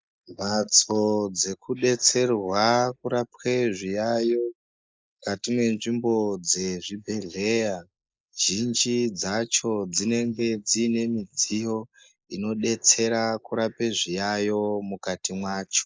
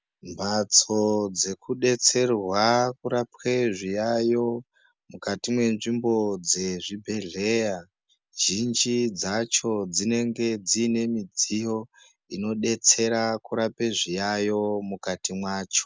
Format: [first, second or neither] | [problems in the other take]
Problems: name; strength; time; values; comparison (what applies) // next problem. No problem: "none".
second | noise reduction (neural mask model Resemble Enhance denoiser)